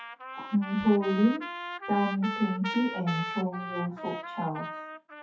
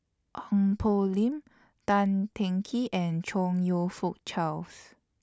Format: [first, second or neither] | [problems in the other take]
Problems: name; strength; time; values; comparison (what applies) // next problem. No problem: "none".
second | noise reduction (classical method WPE with log-MMSE)